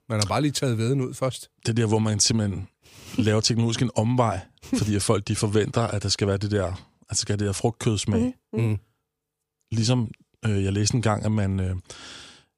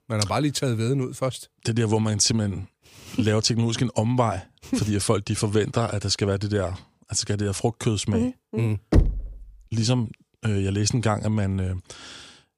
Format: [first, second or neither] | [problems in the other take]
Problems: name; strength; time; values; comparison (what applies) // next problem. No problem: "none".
first | door banging; loud; at 9 s; peak 2 dB above the speech